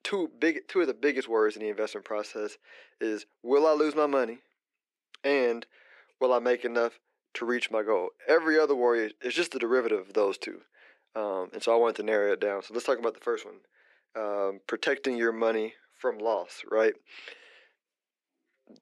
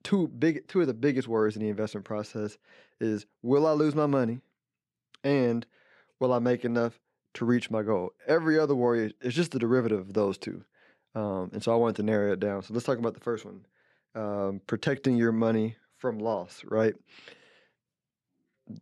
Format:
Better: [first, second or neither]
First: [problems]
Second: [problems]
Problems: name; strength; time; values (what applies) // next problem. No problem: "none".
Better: second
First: thin; somewhat; fading below 350 Hz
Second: none